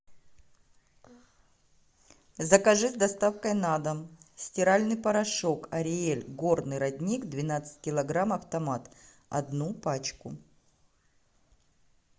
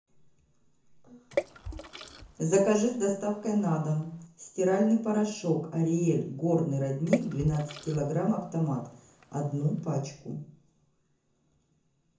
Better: first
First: none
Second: background sound (Water / Splash, splatter); 11 dB below the speech // room echo; dies away in 0.6 s

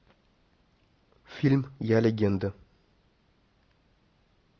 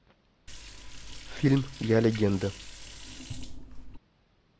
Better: first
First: none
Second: background sound (Liquid); 10 dB below the speech

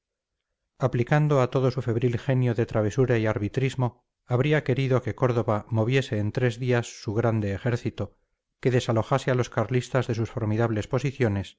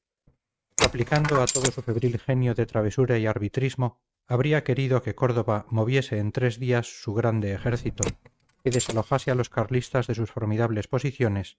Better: first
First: none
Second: noise reduction (neural mask model RNNoise)

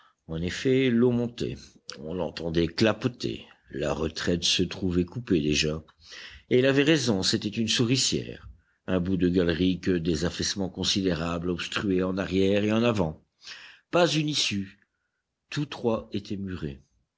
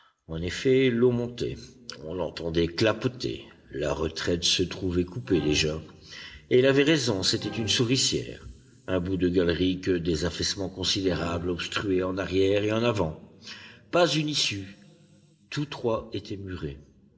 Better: first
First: none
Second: background sound (Musical instrument); 17 dB below the speech // room echo; dies away in 2.3 s

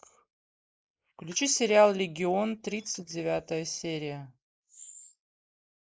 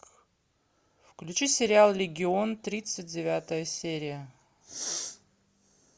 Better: second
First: noise reduction (neural mask model Resemble Enhance denoiser)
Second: none

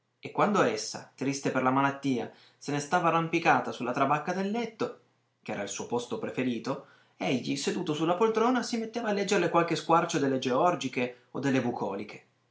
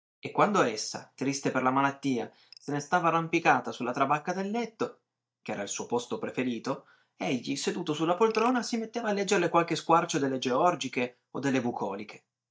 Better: first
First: none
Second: noise reduction (neural mask model DeepFilterNet 3)

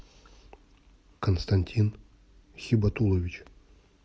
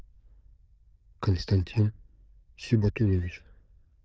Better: first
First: none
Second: noise reduction (neural diffusion model UNIVERSE++)

